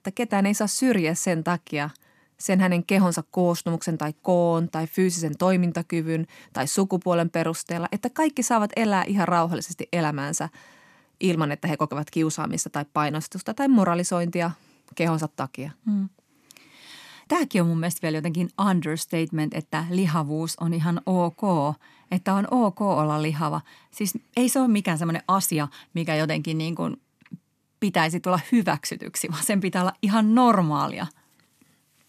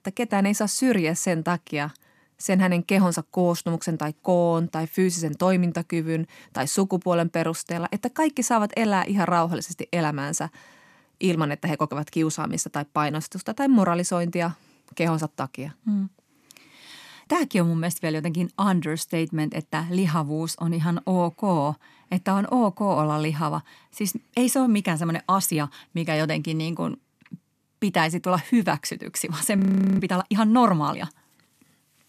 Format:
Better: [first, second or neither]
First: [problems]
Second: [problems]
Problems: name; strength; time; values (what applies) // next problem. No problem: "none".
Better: first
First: none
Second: audio freezing; at 30 s